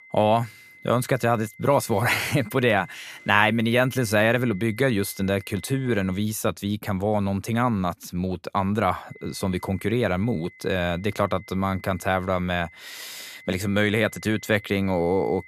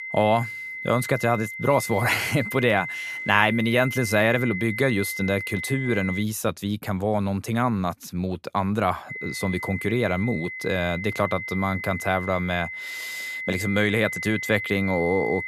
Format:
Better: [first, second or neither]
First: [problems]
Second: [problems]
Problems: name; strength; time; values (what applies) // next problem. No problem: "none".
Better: first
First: high-pitched whine; faint; until 6 s and from 9 s on; 2 kHz, 20 dB below the speech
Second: high-pitched whine; loud; until 6 s and from 9 s on; 2 kHz, 7 dB below the speech